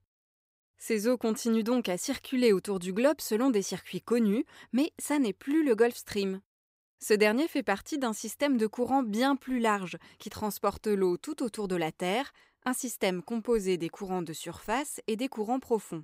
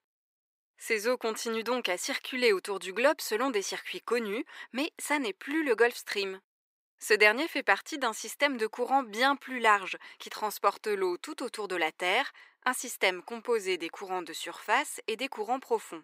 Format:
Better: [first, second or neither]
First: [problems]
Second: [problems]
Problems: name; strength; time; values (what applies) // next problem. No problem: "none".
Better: first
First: none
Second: thin; somewhat; fading below 350 Hz